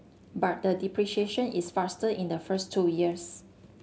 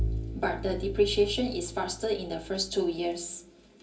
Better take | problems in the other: first | background sound (Bowed string instrument); 7 dB below the speech // room echo; dies away in 0.3 s

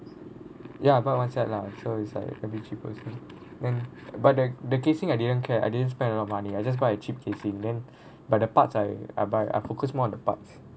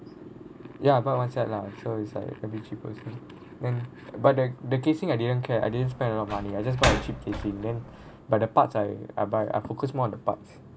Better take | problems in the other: first | background sound (Slam); 5 dB below the speech

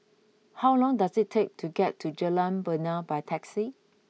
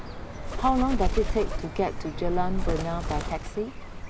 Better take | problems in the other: first | background sound (Bird); as loud as the speech

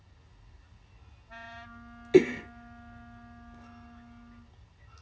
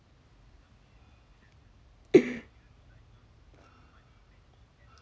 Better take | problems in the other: second | background sound (Wind instrument, woodwind instrument); 18 dB below the speech // room echo; dies away in 0.2 s

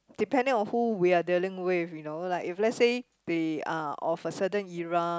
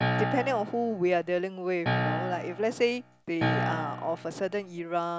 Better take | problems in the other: first | background sound (Piano); 2 dB below the speech

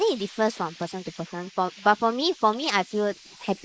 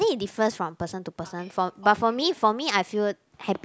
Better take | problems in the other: second | noise reduction (neural mask model Resemble Enhance denoiser)

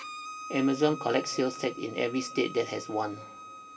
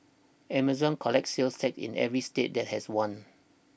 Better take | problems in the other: second | background sound (Bowed string instrument); 13 dB below the speech // room echo; dies away in 1.4 s

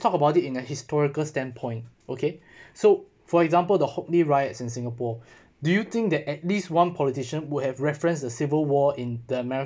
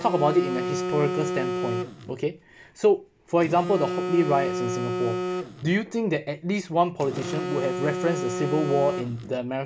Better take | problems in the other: first | background sound (Telephone); 5 dB below the speech

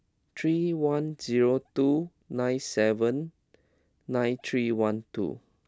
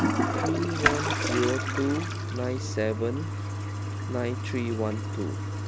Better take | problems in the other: first | background sound (Toilet flush); 2 dB above the speech

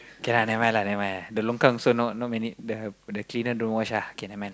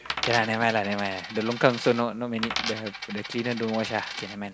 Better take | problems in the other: first | background sound (Coin (dropping)); 8 dB below the speech

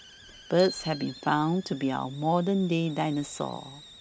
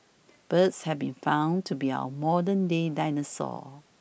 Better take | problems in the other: second | background sound (Bicycle bell + Hiss); 18 dB below the speech

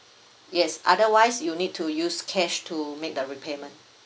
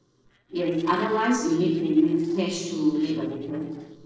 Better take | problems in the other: first | noise reduction (neural separator model SepFormer DNS4)

